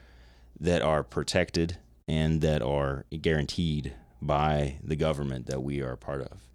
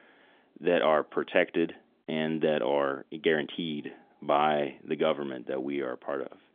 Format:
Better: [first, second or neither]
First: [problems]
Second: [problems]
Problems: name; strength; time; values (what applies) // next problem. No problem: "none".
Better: first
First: none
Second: phone-call audio; nothing above 3.5 kHz